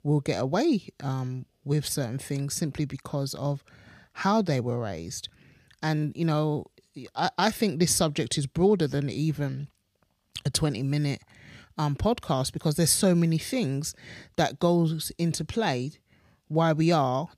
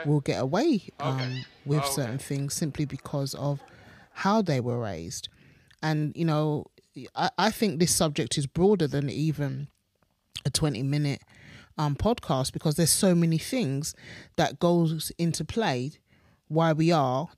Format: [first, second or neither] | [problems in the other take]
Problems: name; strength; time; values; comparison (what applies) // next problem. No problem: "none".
first | animal sounds; loud; until 4 s; 10 dB below the speech